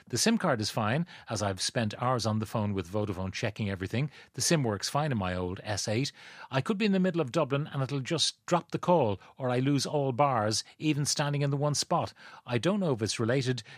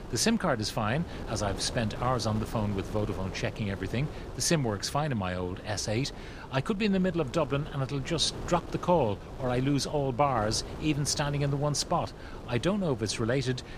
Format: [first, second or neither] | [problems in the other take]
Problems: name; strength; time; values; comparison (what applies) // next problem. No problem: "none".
first | wind noise on the microphone; occasional gusts; 15 dB below the speech